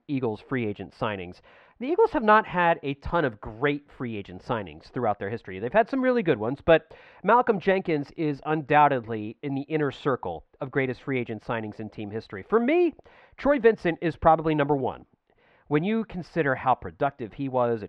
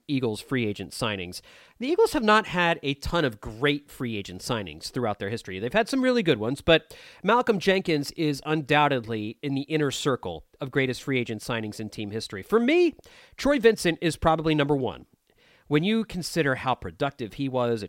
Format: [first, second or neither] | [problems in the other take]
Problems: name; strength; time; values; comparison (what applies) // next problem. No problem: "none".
second | muffled; very; fading above 2 kHz